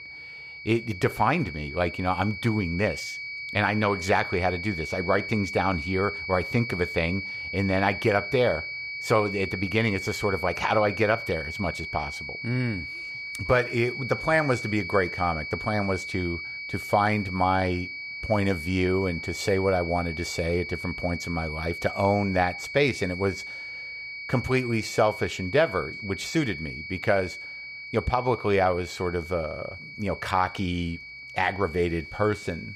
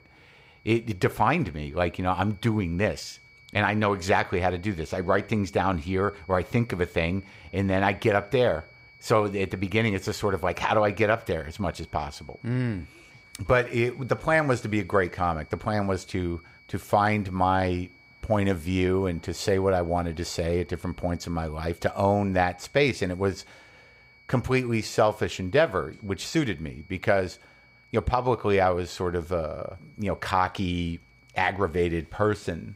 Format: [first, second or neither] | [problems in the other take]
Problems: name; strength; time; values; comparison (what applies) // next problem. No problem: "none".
second | high-pitched whine; loud; throughout; 2.5 kHz, 7 dB below the speech; faint in the second